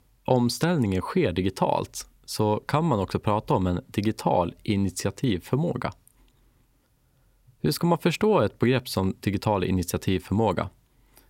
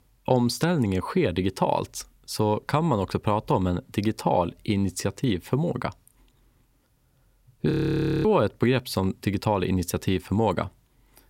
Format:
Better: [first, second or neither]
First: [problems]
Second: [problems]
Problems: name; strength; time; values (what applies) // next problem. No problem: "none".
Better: first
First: none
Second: audio freezing; at 7.5 s for 0.5 s